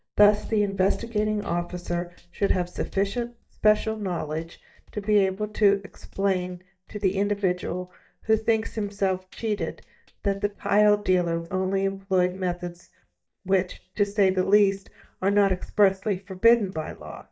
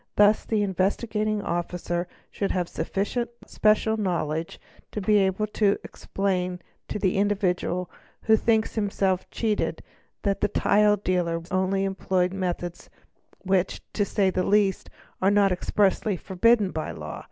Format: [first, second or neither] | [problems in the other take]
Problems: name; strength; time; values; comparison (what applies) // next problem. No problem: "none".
second | noise reduction (neural mask model DeepFilterNet 3)